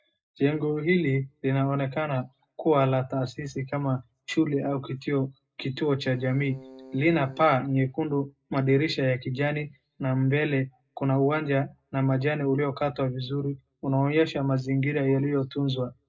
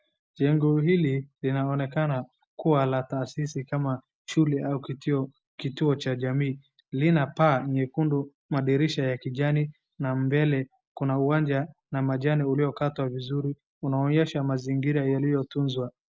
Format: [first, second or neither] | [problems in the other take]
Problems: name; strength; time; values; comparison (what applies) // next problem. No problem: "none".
second | background sound (Keyboard (musical)); 19 dB below the speech // room echo; dies away in 0.2 s